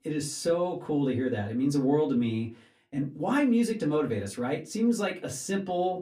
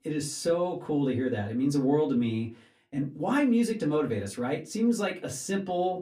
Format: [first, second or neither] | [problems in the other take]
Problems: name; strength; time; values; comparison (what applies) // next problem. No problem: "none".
neither | off-mic speech; far; the same in both // room echo; very slight; dies away in 0.2 s; the same in both